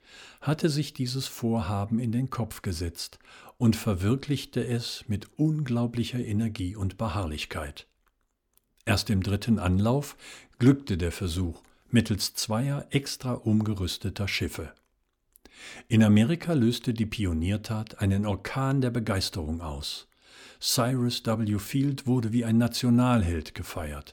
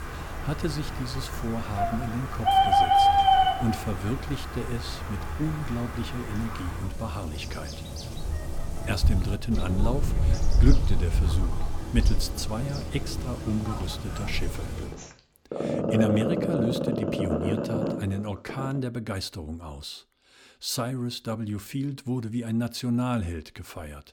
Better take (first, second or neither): first